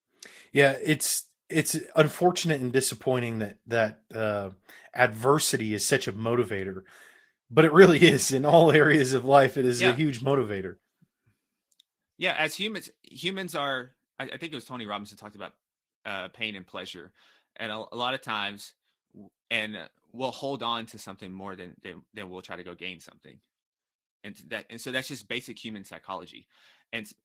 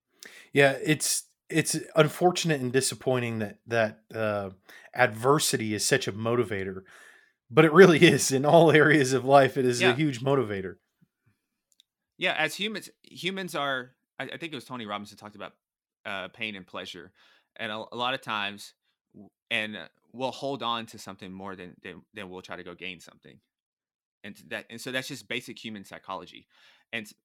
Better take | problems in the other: second | garbled, watery; slightly; nothing above 15.5 kHz

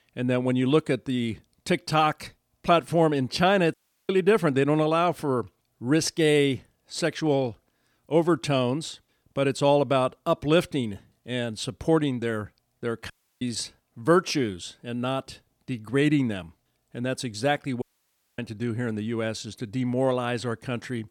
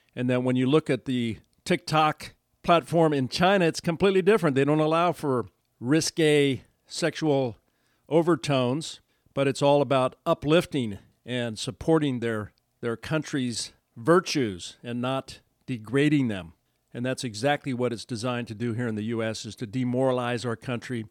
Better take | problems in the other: second | audio cutting out; at 3.5 s, at 13 s and at 18 s for 0.5 s

